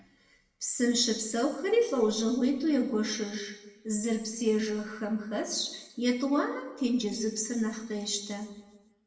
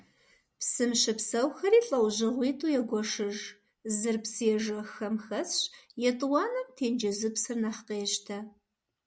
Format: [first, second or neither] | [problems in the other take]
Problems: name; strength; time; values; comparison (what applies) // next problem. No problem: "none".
second | room echo; dies away in 1 s